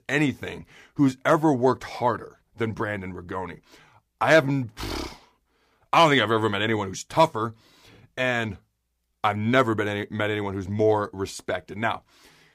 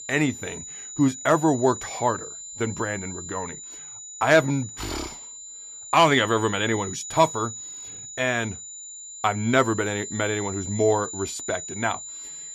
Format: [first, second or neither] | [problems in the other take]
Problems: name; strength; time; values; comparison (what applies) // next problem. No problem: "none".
first | high-pitched whine; noticeable; throughout; 7 kHz, 10 dB below the speech